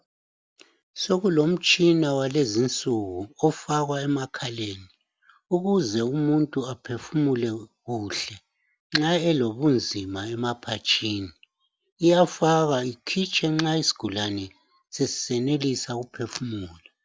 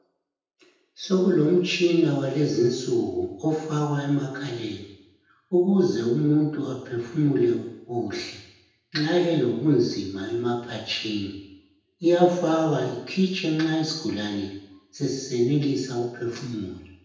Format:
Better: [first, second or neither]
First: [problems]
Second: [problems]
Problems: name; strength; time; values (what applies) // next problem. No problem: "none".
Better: first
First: none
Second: room echo; dies away in 0.8 s